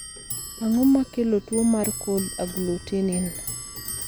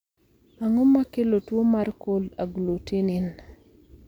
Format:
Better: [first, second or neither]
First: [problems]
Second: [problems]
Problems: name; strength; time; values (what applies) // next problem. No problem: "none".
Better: second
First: background sound (Clock); 10 dB below the speech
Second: none